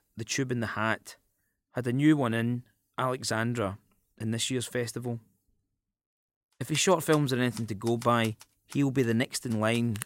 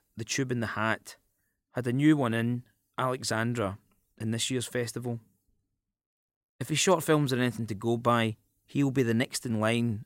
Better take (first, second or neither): second